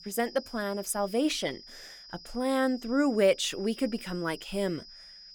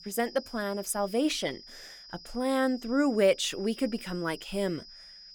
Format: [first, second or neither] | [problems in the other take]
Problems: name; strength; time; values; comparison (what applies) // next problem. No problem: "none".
neither | high-pitched whine; noticeable; throughout; 5 kHz, 15 dB below the speech; the same in both